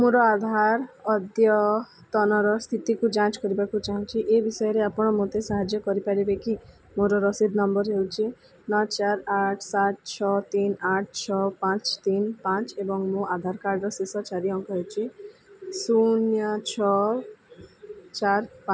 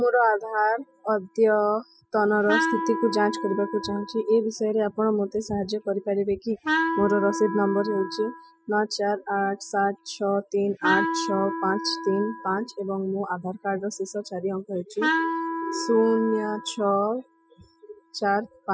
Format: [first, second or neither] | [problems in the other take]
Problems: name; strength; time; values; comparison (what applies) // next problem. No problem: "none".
first | noise reduction (classical method spectral subtraction)